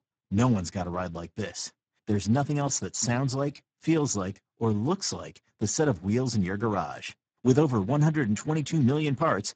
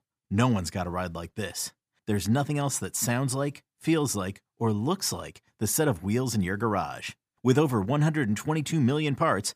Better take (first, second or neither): second